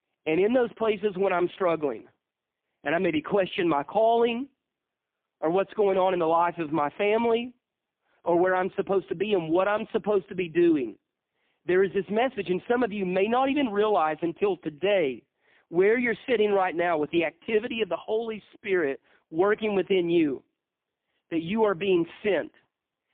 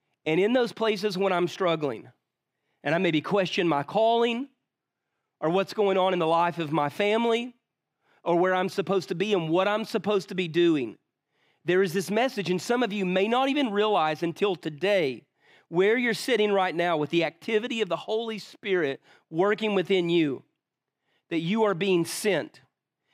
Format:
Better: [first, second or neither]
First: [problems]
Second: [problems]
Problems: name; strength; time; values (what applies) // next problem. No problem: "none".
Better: second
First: phone-call audio; poor line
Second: none